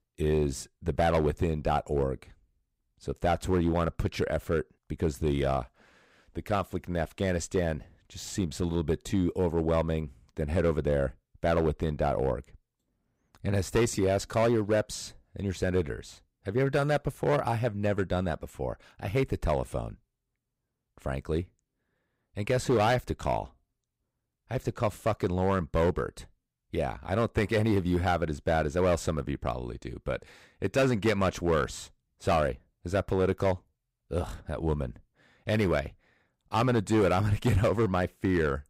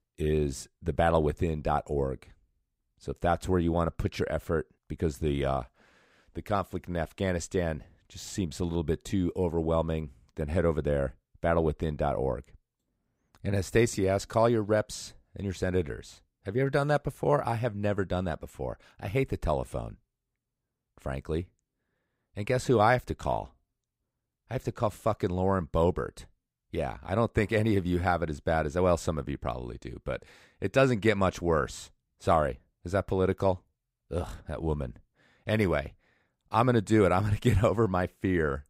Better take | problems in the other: second | distortion; slight; 4% of the sound clipped

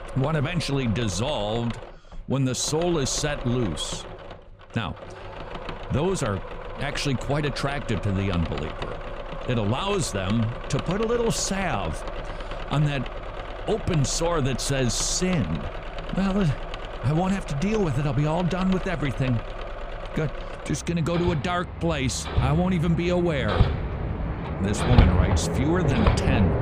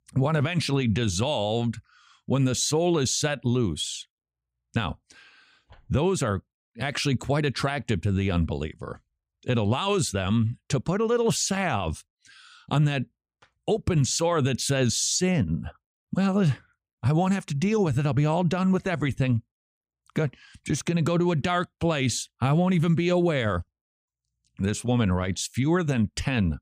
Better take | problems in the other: second | machinery noise; loud; throughout; 5 dB below the speech

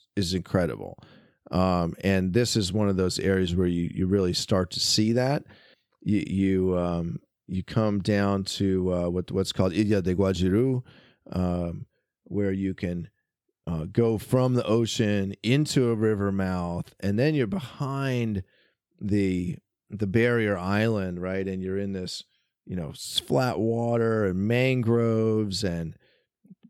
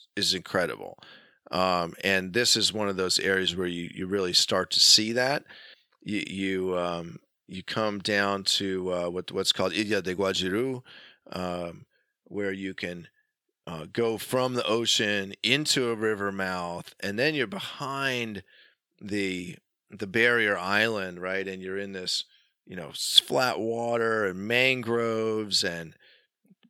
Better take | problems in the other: first | thin; somewhat; fading below 900 Hz

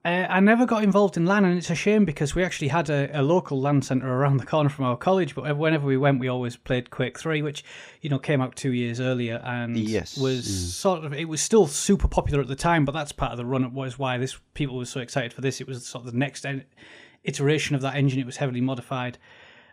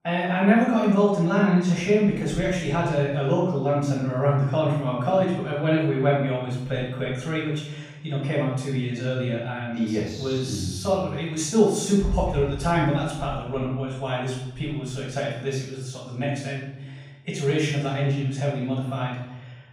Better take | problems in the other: first | room echo; noticeable; dies away in 0.9 s // off-mic speech; far

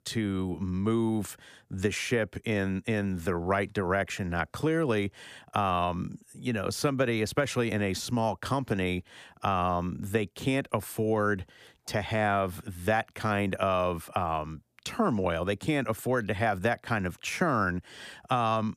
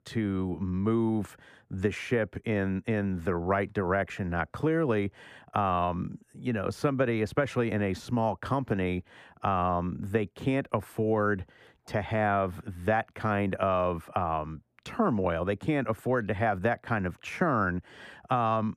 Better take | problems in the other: first | muffled; slightly; fading above 3 kHz

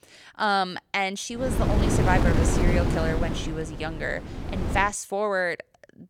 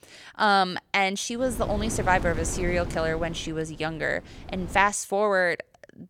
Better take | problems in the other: second | wind noise on the microphone; heavy; from 1.5 to 5 s; 5 dB below the speech; occasional gusts in the second

